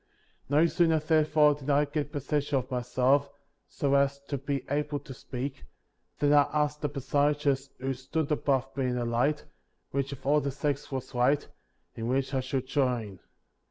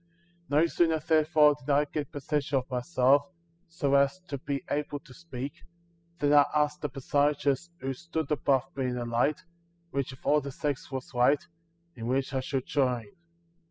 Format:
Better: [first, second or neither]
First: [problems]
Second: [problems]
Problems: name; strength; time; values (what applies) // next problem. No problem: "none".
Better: first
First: none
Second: noise reduction (classical method spectral subtraction)